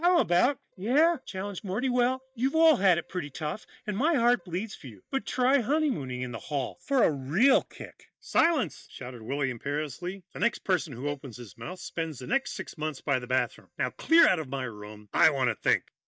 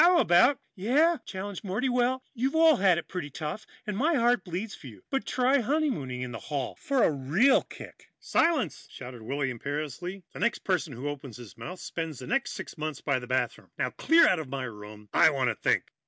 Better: second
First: noise reduction (neural mask model DeepFilterNet 3)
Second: none

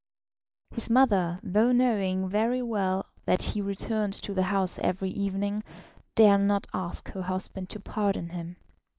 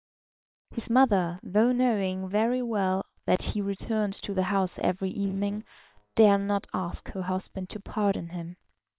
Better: first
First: none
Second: noise reduction (neural separator model SepFormer WHAM!)

